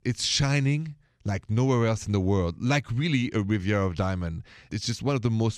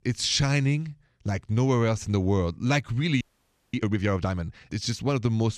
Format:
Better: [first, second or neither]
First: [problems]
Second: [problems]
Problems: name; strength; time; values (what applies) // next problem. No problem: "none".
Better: first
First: none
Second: audio freezing; at 3 s for 0.5 s